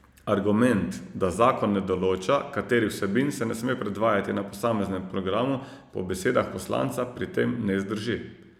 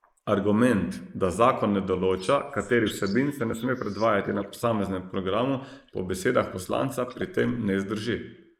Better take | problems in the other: first | noise reduction (neural mask model Resemble Enhance denoiser)

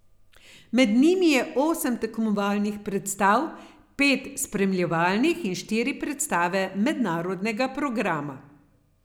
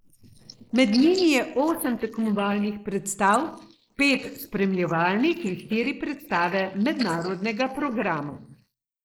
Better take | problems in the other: first | noise reduction (neural mask model Resemble Enhance denoiser)

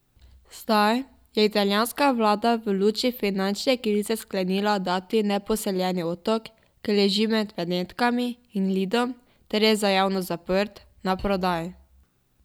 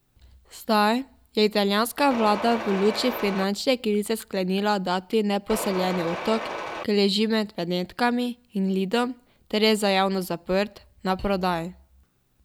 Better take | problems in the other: first | background sound (Mechanisms); 7 dB below the speech

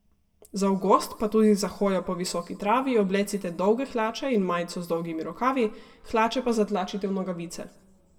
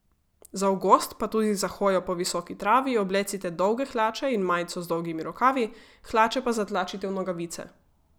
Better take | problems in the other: second | room echo; dies away in 1.1 s

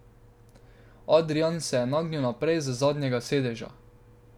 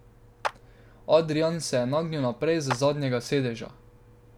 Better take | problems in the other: first | background sound (Clapping); 12 dB below the speech

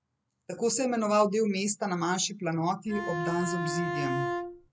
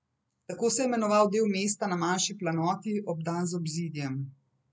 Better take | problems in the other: second | background sound (Bowed string instrument); 3 dB below the speech

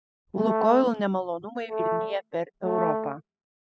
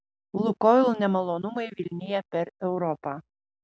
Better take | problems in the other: second | noise reduction (classical method spectral subtraction)

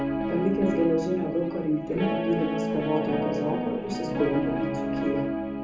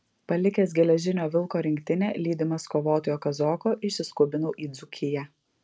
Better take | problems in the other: second | background sound (Guitar); as loud as the speech // room echo; dies away in 0.6 s

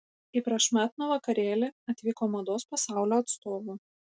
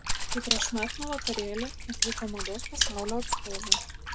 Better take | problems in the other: first | background sound (Water / Splash, splatter + Rattle (instrument)); 5 dB above the speech

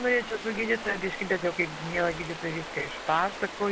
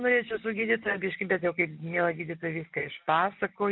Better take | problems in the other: second | background sound (Stream); 9 dB below the speech

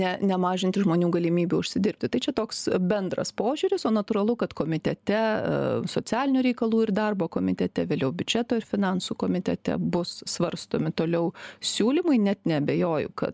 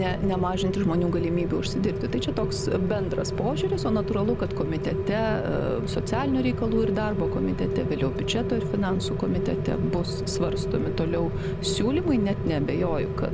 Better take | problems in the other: first | background sound (Rain); 1 dB below the speech

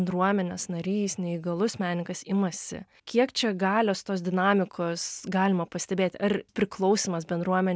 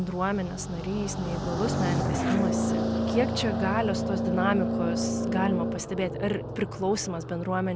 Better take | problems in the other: first | background sound (Car passing by); 1 dB above the speech

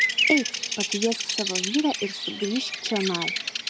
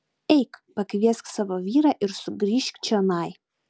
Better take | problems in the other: second | background sound (Bird vocalization, bird call, bird song); 1 dB above the speech

